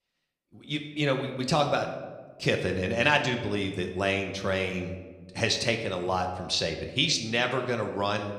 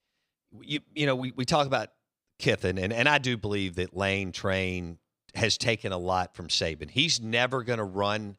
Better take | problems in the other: second | room echo; slight; dies away in 0.9 s

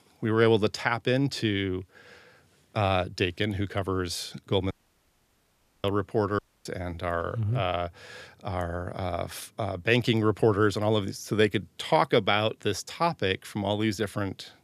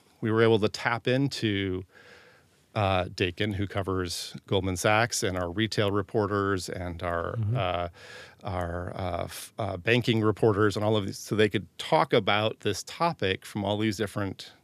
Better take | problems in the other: second | audio cutting out; at 4.5 s for 1 s and at 6.5 s

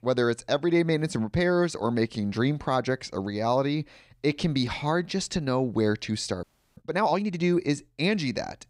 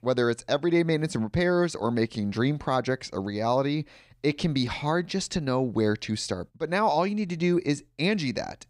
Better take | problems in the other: second | audio freezing; at 6.5 s

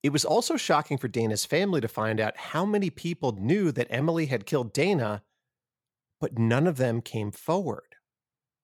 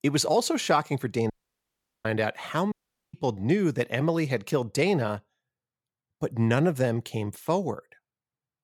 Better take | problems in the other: first | audio cutting out; at 1.5 s for 0.5 s and at 2.5 s

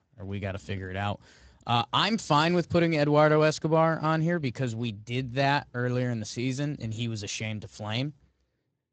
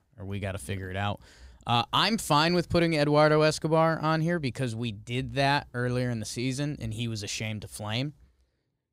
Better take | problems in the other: second | garbled, watery; slightly; nothing above 7.5 kHz

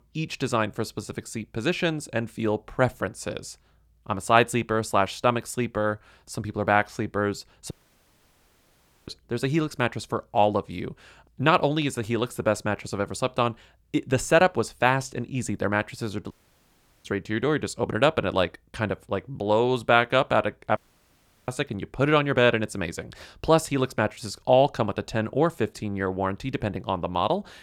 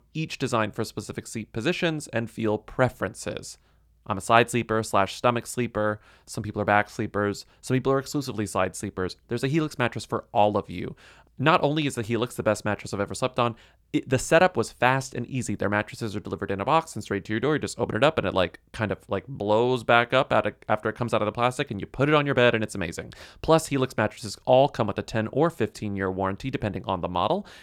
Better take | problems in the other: second | audio cutting out; at 7.5 s for 1.5 s, at 16 s for 0.5 s and at 21 s for 0.5 s

